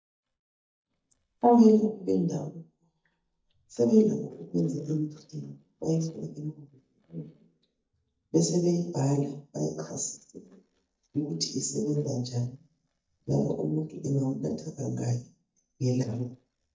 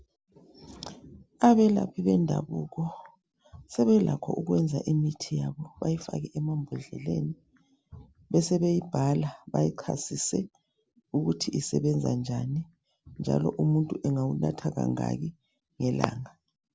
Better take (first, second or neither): second